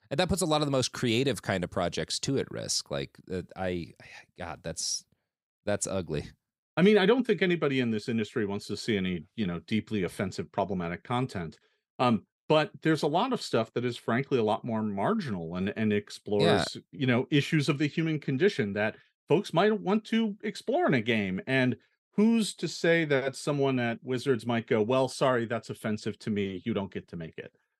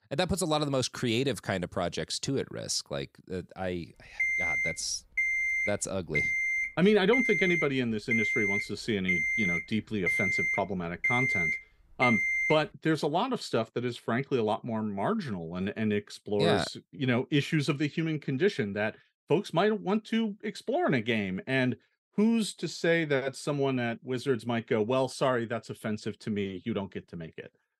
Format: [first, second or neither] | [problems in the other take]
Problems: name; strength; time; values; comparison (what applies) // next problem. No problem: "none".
first | alarm; loud; from 4 to 13 s; peak 5 dB above the speech